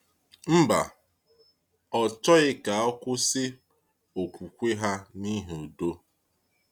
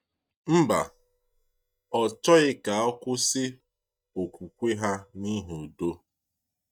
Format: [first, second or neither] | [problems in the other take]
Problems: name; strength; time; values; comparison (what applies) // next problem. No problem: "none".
first | noise reduction (neural mask model DeepFilterNet 3)